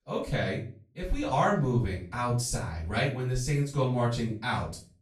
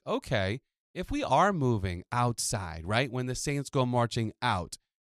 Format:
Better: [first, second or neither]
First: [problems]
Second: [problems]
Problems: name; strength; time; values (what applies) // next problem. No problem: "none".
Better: second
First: room echo; slight; dies away in 0.3 s // off-mic speech; far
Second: none